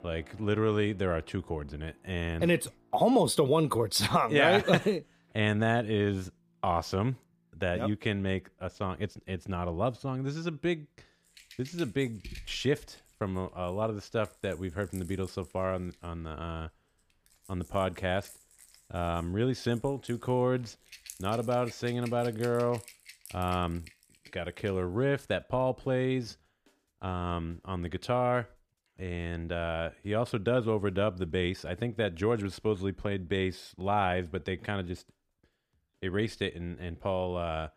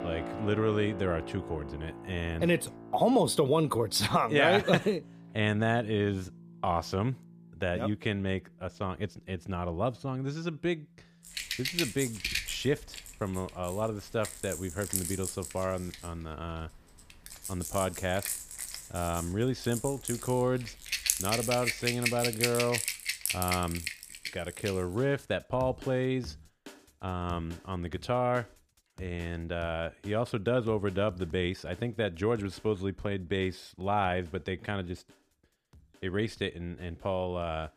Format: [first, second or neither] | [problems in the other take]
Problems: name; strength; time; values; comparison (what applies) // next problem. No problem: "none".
first | background music; loud; throughout; 4 dB below the speech; faint in the first